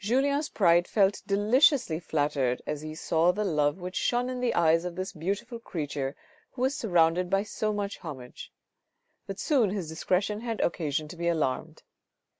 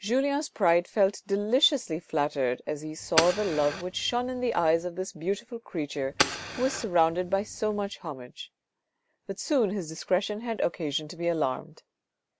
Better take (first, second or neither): first